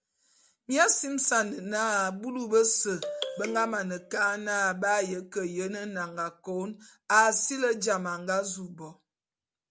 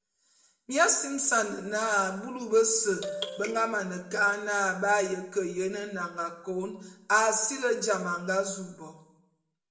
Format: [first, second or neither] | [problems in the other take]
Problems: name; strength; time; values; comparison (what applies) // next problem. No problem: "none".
first | room echo; dies away in 0.7 s